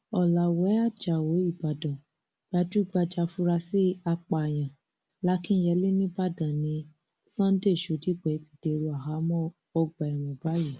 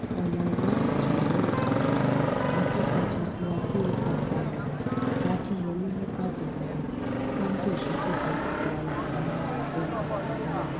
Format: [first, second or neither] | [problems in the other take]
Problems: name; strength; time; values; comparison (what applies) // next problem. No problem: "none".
first | background sound (Motorcycle); 5 dB above the speech // room echo; dies away in 1.9 s